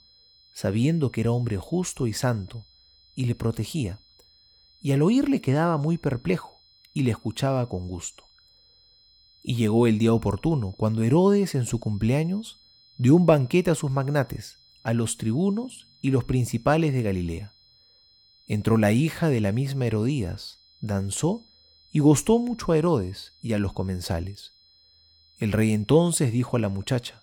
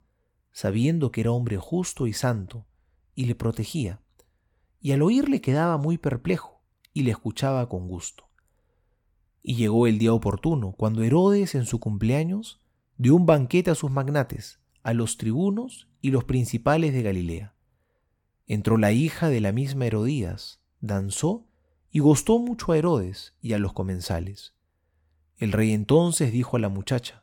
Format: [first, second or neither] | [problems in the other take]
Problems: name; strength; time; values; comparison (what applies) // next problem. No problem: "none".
second | high-pitched whine; faint; throughout; 4 kHz, 30 dB below the speech